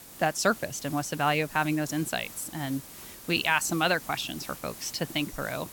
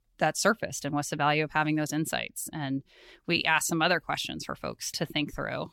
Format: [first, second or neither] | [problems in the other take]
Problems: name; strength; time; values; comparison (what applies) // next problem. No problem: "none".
second | hiss; noticeable; throughout; 15 dB below the speech